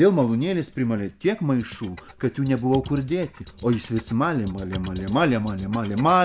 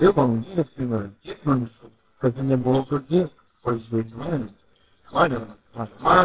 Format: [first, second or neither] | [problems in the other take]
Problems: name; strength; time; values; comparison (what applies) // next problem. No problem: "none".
first | noise reduction (neural separator model SepFormer WHAMR!)